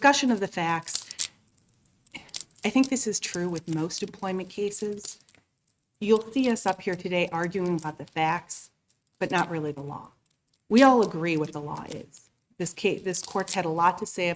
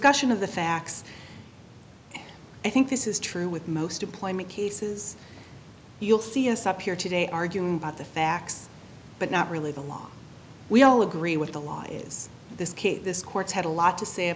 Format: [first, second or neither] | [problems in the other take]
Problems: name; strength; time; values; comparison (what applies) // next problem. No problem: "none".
second | noise reduction (neural mask model RNNoise)